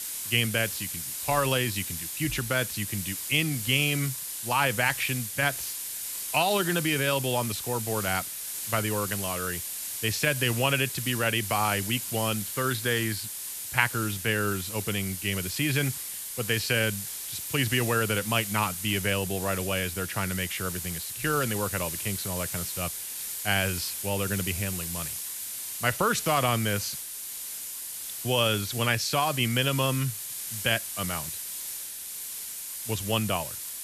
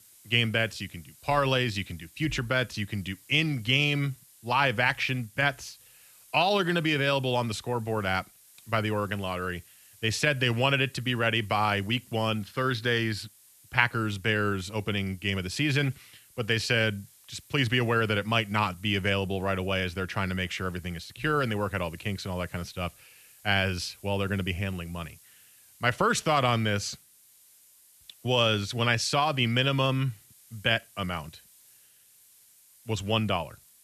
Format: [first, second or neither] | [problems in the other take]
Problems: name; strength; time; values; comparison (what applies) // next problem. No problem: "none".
second | hiss; loud; throughout; 5 dB below the speech; faint in the second